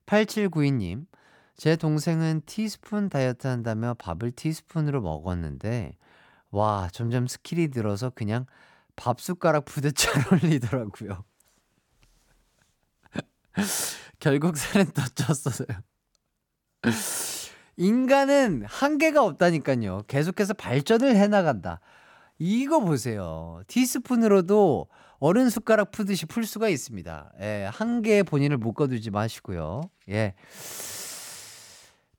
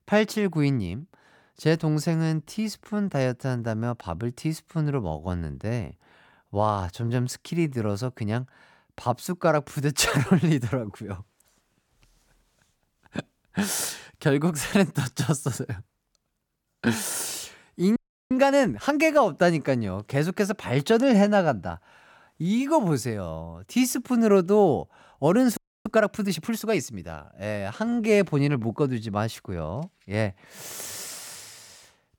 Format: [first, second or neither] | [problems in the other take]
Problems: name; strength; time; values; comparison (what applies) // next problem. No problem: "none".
first | audio freezing; at 18 s and at 26 s